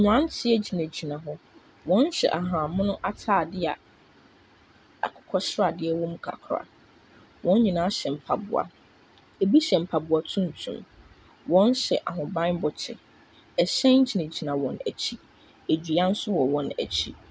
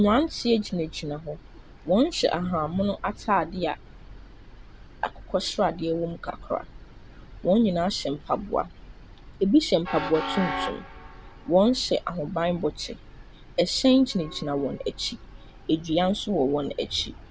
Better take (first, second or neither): first